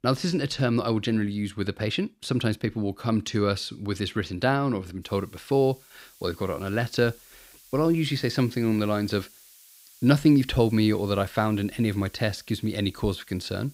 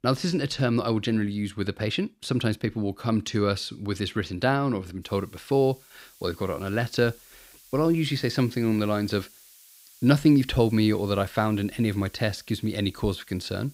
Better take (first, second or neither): neither